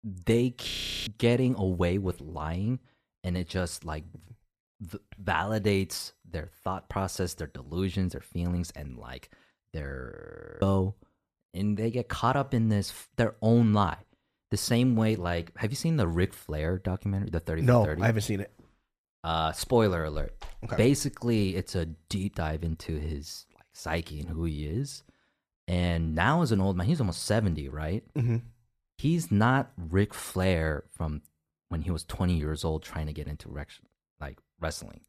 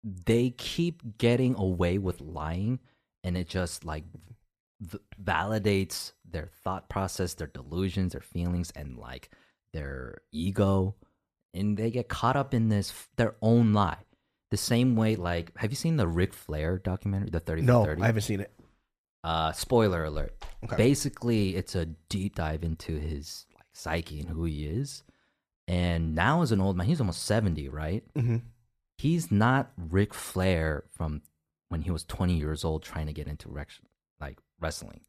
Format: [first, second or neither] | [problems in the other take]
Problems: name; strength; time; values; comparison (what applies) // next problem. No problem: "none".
second | audio freezing; at 0.5 s and at 10 s